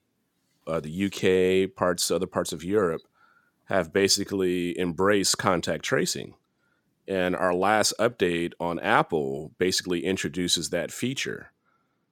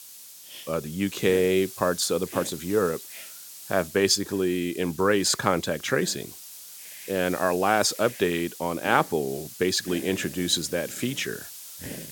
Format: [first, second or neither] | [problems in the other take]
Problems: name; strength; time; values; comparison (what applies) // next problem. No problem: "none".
first | hiss; noticeable; throughout; 15 dB below the speech